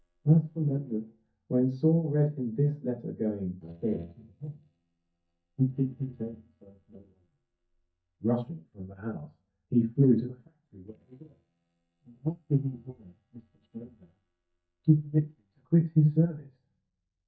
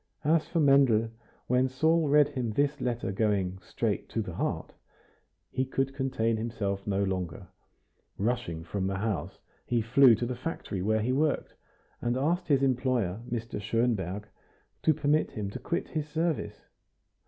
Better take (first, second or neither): second